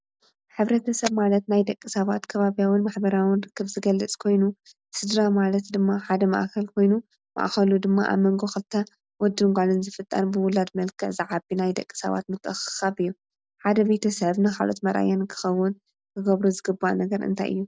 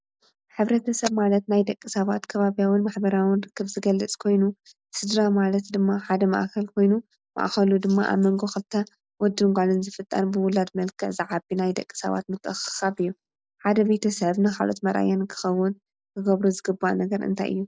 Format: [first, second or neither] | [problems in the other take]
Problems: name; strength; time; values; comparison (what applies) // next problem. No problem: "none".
first | noise reduction (neural mask model Resemble Enhance denoiser)